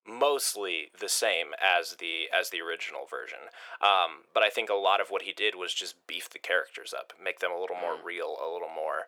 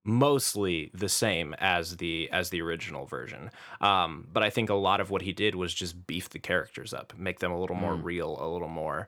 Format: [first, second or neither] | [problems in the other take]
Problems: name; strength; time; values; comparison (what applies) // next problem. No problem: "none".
second | thin; very; fading below 450 Hz